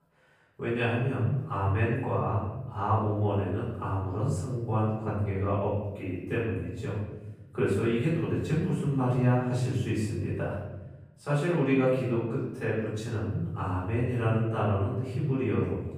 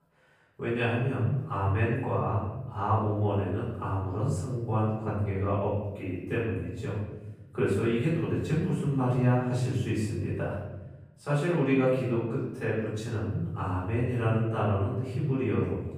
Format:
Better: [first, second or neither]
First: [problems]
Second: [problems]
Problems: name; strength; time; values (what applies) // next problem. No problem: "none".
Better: neither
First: off-mic speech; far // room echo; noticeable; dies away in 1.2 s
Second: off-mic speech; far // room echo; noticeable; dies away in 1.2 s